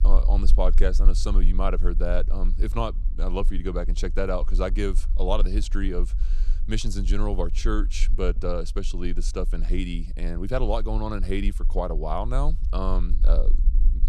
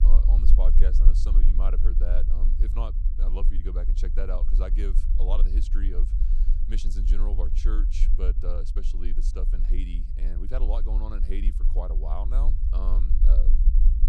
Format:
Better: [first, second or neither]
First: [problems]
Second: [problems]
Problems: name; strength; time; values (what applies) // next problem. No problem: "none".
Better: first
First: low rumble; faint; throughout; 20 dB below the speech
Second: low rumble; loud; throughout; 7 dB below the speech